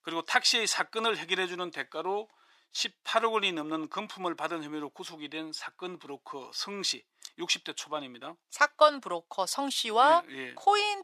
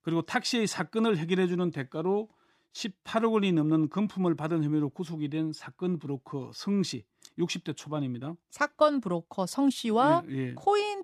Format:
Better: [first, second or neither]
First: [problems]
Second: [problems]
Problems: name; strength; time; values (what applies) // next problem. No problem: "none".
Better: second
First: thin; very; fading below 700 Hz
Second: none